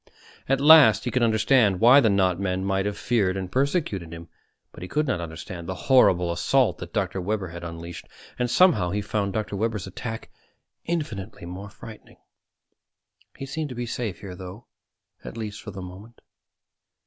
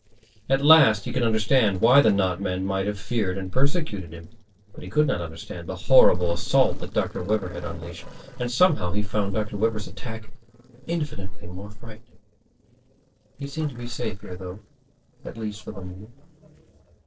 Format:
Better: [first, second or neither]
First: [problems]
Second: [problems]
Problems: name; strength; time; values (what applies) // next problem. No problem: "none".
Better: first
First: none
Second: noise reduction (neural separator model SepFormer DNS4)